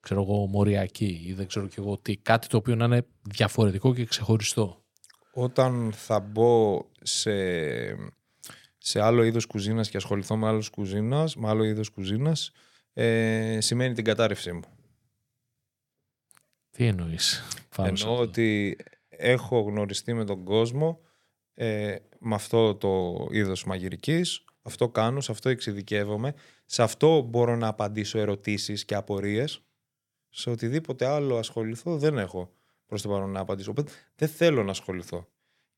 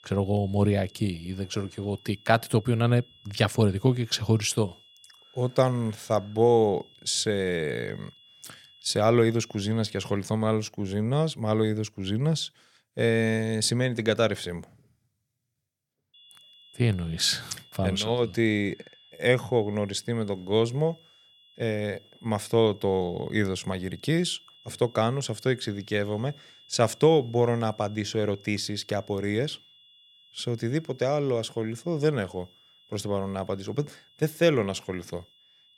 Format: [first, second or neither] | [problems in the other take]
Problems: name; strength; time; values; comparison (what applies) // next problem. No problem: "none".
first | high-pitched whine; faint; until 10 s and from 16 s on; 3.5 kHz, 25 dB below the speech